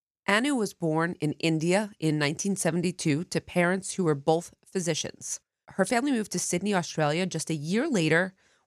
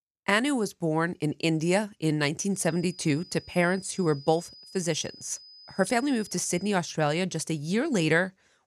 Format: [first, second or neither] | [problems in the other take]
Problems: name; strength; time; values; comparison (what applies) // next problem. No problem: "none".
first | high-pitched whine; noticeable; from 2.5 to 6.5 s; 5 kHz, 20 dB below the speech